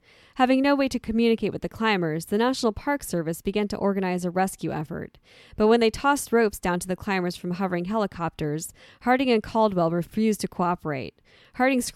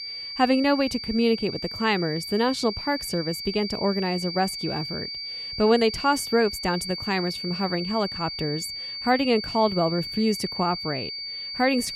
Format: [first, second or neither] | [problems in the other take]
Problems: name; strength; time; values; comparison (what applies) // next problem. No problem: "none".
first | high-pitched whine; loud; throughout; 4.5 kHz, 6 dB below the speech